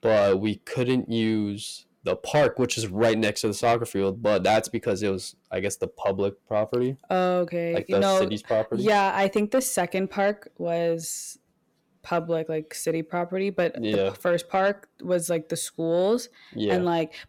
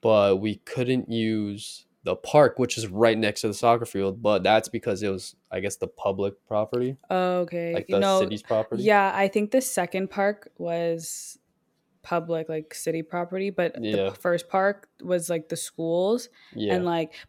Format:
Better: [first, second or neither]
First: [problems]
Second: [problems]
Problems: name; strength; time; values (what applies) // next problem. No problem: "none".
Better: second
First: distortion; slight; 10 dB below the speech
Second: none